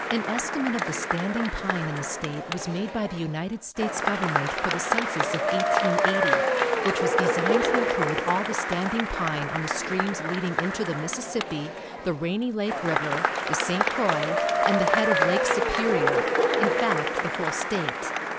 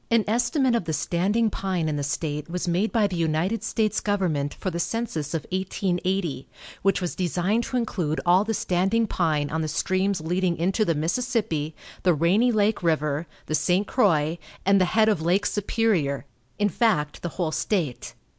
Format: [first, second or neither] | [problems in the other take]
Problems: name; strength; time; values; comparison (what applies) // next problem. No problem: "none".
second | background sound (Applause / Crowd / Cheering); 4 dB above the speech